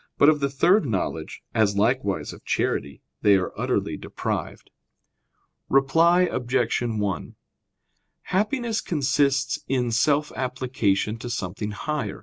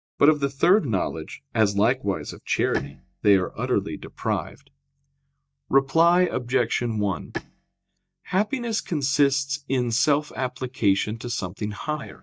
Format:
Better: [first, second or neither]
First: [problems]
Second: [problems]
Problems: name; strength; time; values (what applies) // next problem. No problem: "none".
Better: first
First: none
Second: noise reduction (neural mask model DeepFilterNet 3)